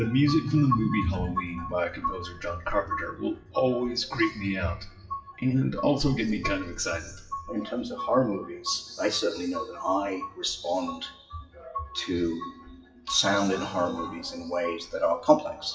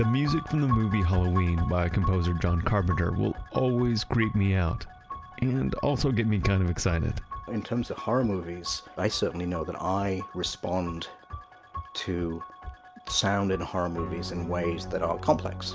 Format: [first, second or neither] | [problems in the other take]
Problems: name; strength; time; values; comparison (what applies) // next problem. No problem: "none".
second | noise reduction (classical method WPE with log-MMSE)